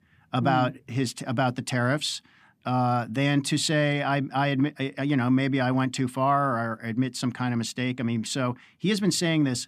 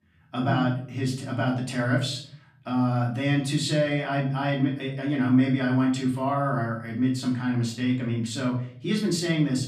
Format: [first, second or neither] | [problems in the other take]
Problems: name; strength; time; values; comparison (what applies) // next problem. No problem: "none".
first | off-mic speech; far // room echo; slight; dies away in 0.5 s